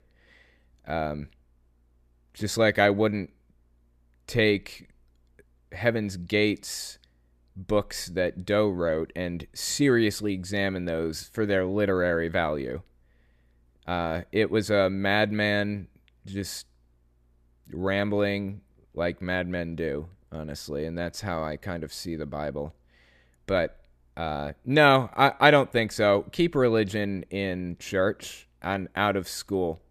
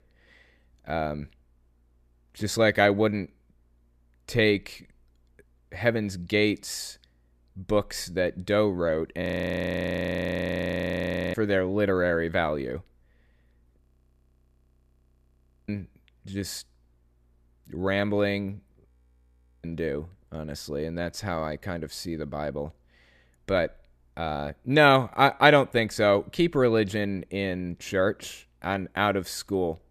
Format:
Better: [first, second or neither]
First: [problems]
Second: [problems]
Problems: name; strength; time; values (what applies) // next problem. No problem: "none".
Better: first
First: none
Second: audio freezing; at 9 s for 2 s, at 14 s for 2 s and at 19 s for 1 s